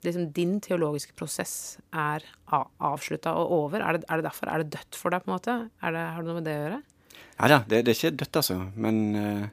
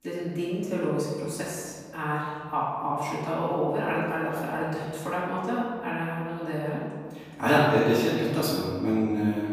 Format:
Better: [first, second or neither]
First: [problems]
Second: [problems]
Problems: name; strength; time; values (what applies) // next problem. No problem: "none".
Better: first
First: none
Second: off-mic speech; far // room echo; strong; dies away in 1.7 s